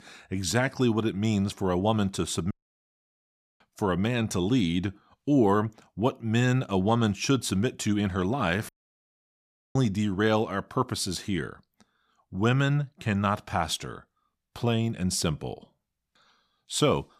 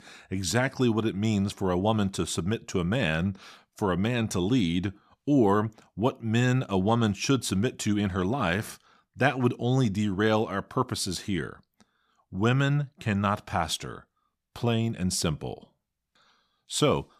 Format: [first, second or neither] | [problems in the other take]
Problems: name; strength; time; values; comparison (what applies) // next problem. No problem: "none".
second | audio cutting out; at 2.5 s for 1 s and at 8.5 s for 1 s